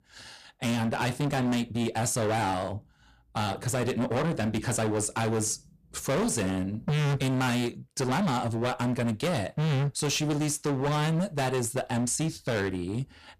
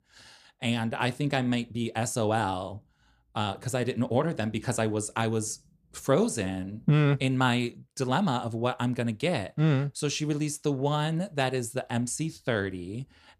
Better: second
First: distortion; heavy; 25% of the sound clipped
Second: none

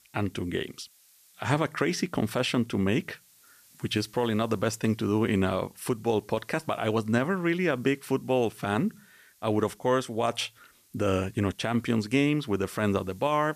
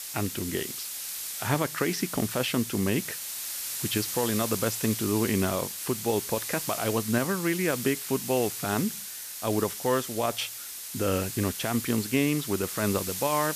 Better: first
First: hiss; faint; throughout; 30 dB below the speech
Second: hiss; loud; throughout; 4 dB below the speech

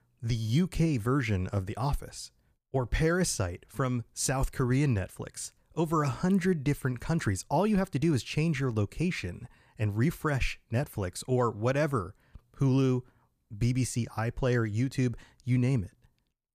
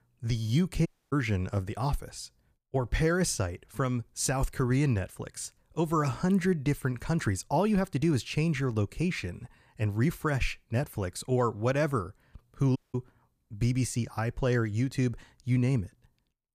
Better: first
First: none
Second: audio cutting out; at 1 s and at 13 s

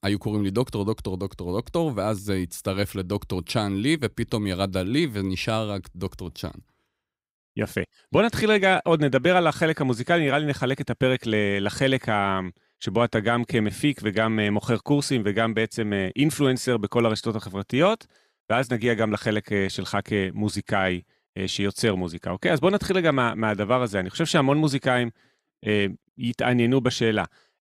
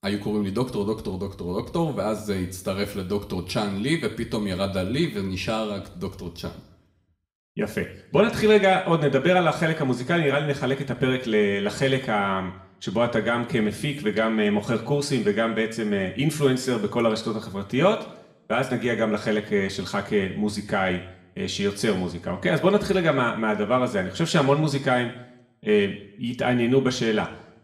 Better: first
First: none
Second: room echo; slight; dies away in 0.7 s

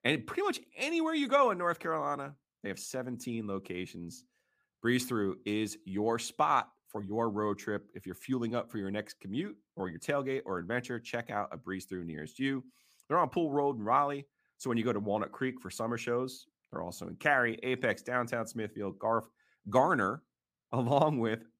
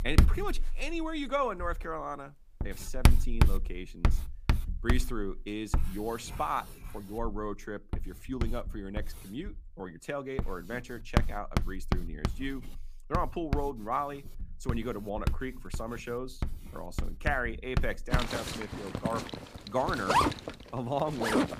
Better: first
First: none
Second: household noises; very loud; throughout; 3 dB above the speech

